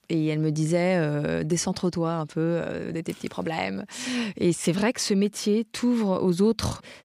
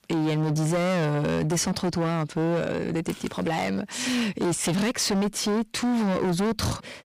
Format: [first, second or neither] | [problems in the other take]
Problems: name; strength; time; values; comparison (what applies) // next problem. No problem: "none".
first | distortion; heavy; 25% of the sound clipped